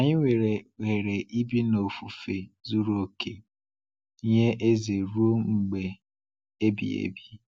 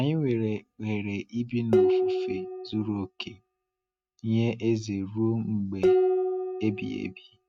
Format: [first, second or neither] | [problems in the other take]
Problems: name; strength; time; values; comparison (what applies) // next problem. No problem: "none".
first | noise reduction (neural mask model RNNoise)